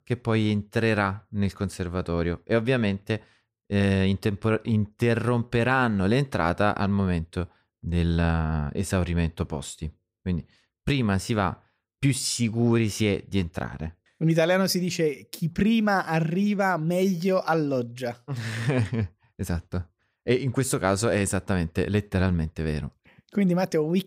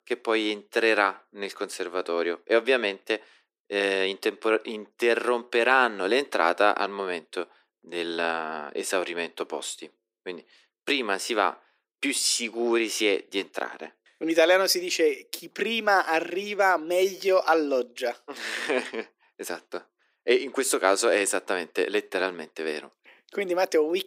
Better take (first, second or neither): first